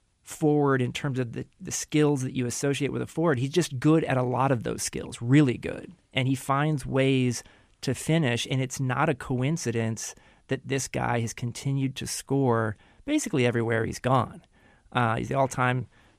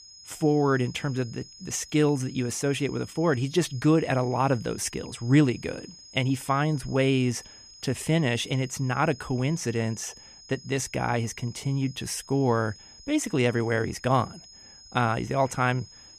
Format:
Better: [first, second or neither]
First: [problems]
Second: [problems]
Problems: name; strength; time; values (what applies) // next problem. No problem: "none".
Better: first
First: none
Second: high-pitched whine; noticeable; throughout; 5 kHz, 20 dB below the speech